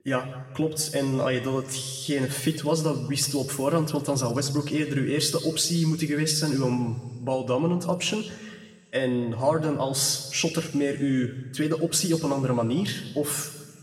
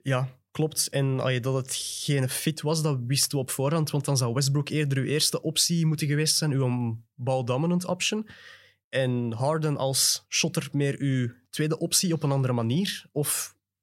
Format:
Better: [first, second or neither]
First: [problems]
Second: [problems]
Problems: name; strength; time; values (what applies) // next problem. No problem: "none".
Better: second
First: room echo; slight; dies away in 1.2 s // off-mic speech; somewhat distant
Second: none